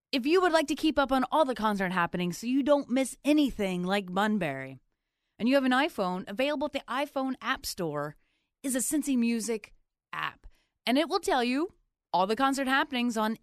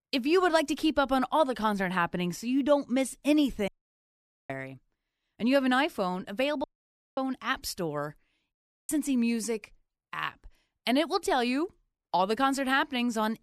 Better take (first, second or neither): first